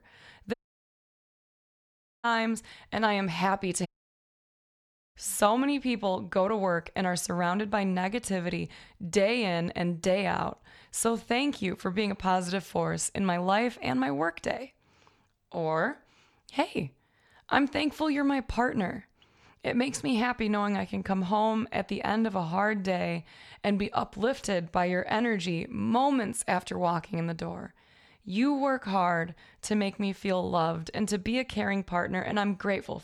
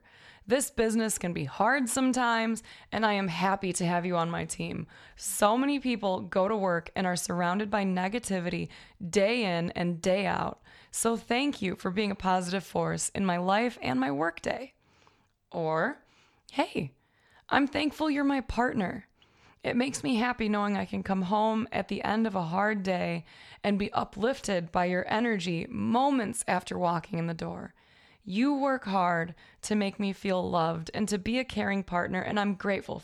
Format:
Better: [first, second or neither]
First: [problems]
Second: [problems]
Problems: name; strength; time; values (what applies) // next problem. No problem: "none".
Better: second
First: audio cutting out; at 0.5 s for 1.5 s and at 4 s for 1.5 s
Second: none